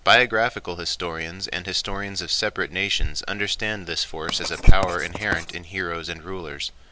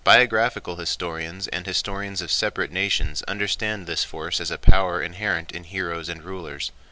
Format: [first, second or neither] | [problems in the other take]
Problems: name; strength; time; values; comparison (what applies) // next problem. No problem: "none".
second | background sound (Writing); 14 dB below the speech